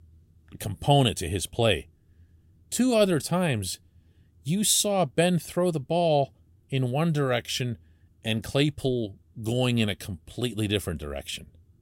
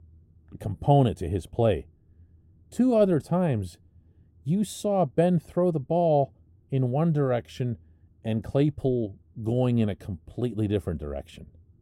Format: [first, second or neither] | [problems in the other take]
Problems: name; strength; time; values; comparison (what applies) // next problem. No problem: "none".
first | muffled; very; fading above 1.5 kHz